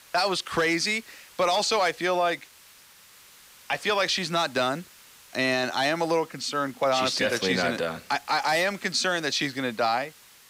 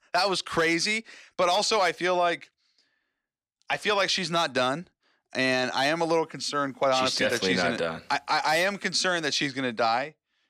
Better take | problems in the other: second | hiss; faint; throughout; 25 dB below the speech

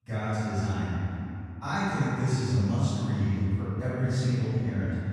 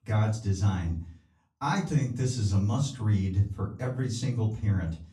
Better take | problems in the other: second | room echo; strong; dies away in 2.7 s; slight in the second // off-mic speech; far; far in the second

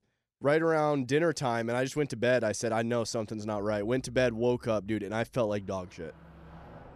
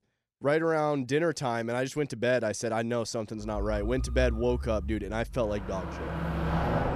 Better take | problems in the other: first | traffic noise; loud; from 3.5 s on; 5 dB below the speech; faint in the first

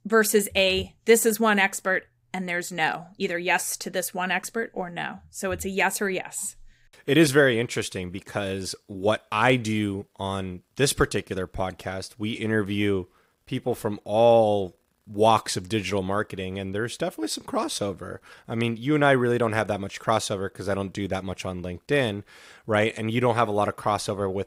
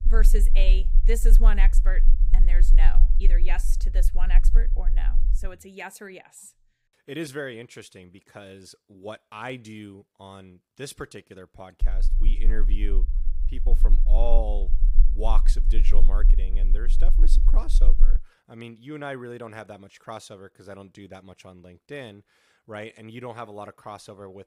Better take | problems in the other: first | low rumble; noticeable; until 5.5 s and from 12 to 18 s; 15 dB below the speech

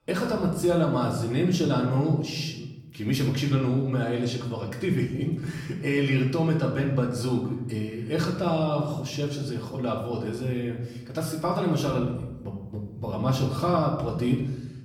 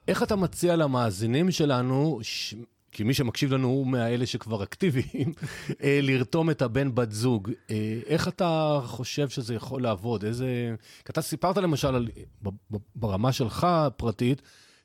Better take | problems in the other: second | room echo; slight; dies away in 1 s // off-mic speech; far

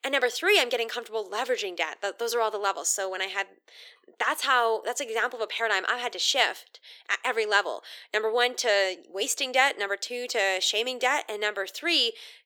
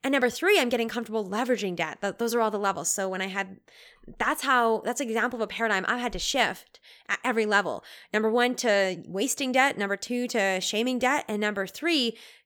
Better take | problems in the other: second | thin; very; fading below 350 Hz

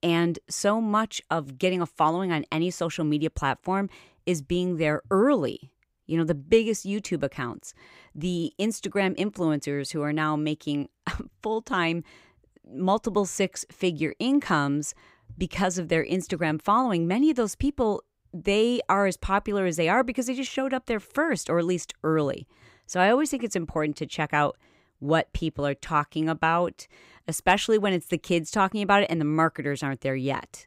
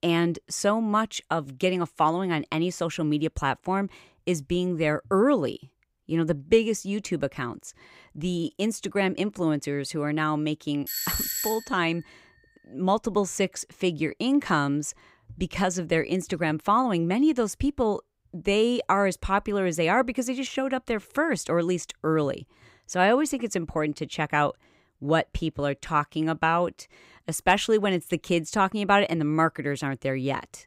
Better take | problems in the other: first | doorbell; noticeable; at 11 s; peak level with the speech

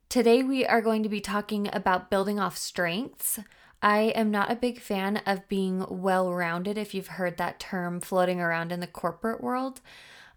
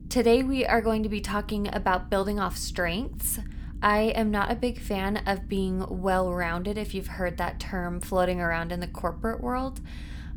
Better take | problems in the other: first | low rumble; faint; throughout; 25 dB below the speech

